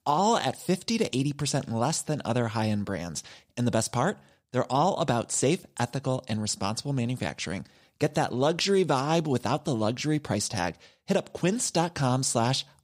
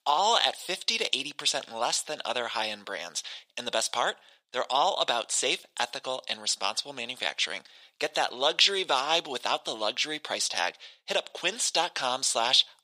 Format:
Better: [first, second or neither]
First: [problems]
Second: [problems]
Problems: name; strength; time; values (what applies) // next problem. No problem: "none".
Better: first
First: none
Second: thin; very; fading below 650 Hz